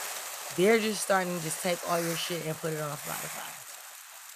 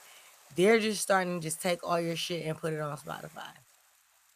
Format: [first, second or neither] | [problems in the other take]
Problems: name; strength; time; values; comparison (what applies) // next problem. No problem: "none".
second | hiss; loud; throughout; 8 dB below the speech; faint in the second